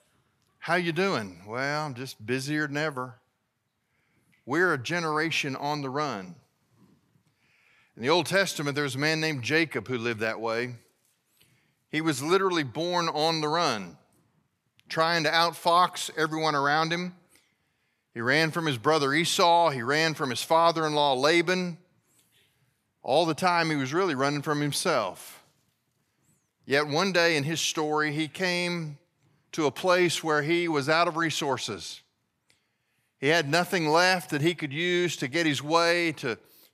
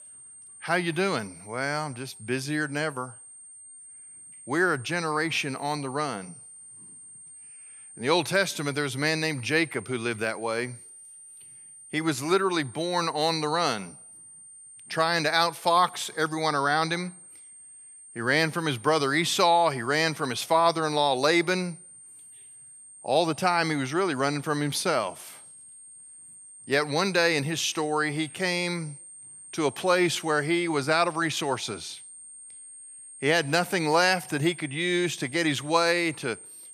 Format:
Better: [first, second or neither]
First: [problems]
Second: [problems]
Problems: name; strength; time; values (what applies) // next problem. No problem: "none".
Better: first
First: none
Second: high-pitched whine; noticeable; throughout; 8.5 kHz, 20 dB below the speech